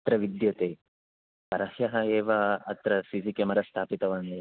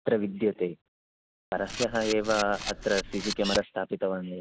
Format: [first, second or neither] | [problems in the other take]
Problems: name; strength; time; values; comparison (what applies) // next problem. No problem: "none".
first | background sound (Camera); 7 dB below the speech